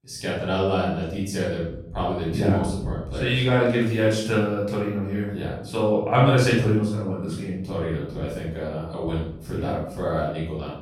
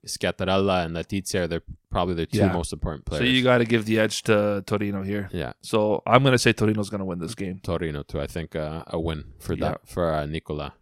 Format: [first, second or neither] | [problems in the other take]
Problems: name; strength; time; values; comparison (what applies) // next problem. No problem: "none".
second | off-mic speech; far // room echo; noticeable; dies away in 0.7 s